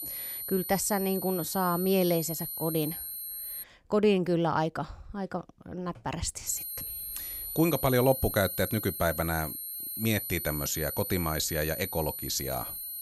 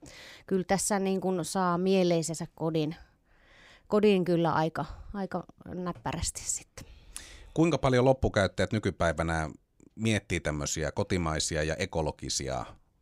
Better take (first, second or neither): second